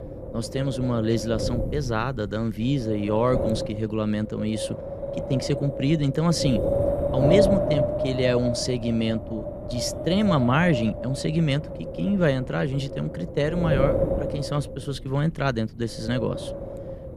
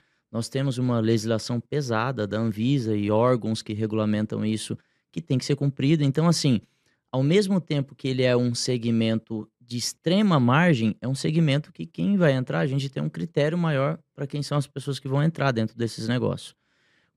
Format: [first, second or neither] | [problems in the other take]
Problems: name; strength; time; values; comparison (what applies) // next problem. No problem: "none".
second | wind noise on the microphone; heavy; 1 dB below the speech